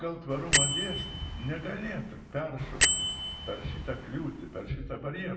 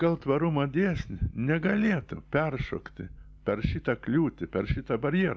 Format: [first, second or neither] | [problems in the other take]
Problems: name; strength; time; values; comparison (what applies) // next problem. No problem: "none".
second | background sound (Bell); 5 dB above the speech // room echo; dies away in 0.8 s